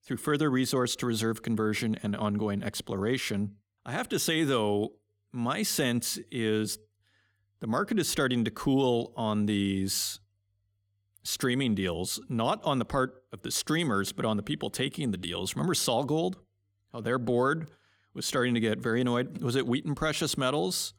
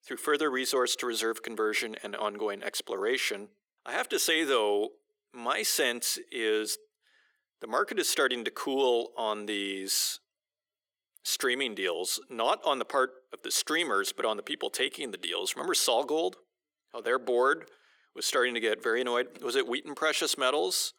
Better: first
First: none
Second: thin; very; fading below 400 Hz

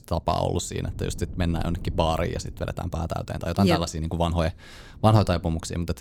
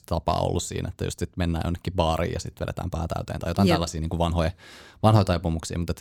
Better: second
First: wind noise on the microphone; occasional gusts; 25 dB below the speech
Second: none

